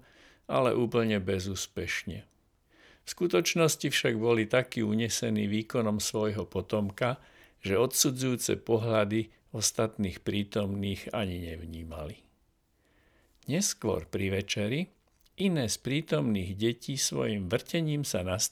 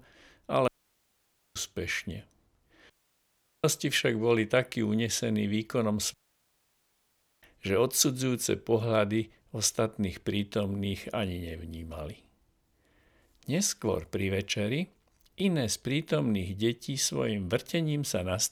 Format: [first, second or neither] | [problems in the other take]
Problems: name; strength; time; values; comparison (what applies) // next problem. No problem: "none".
first | audio cutting out; at 0.5 s for 1 s, at 3 s for 0.5 s and at 6 s for 1.5 s